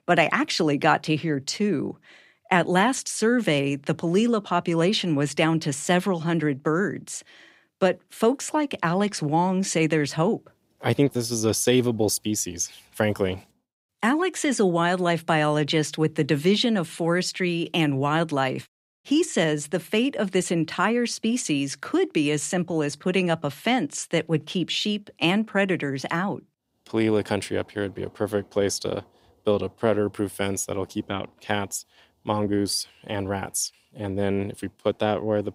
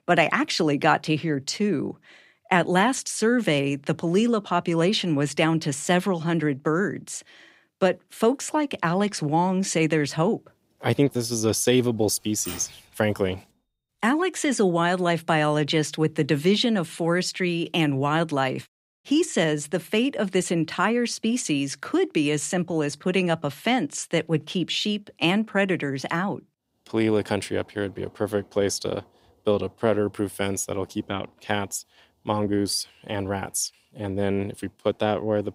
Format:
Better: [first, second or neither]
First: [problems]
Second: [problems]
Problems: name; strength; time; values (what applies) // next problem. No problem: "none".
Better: first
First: none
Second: keyboard typing; faint; at 12 s; peak 10 dB below the speech